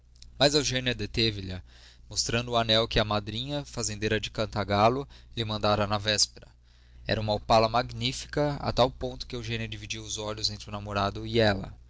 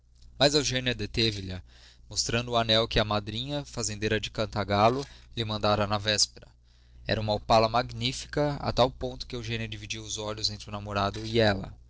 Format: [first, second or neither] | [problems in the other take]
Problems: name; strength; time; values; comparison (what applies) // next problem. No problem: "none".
first | noise reduction (neural separator model SepFormer DNS4)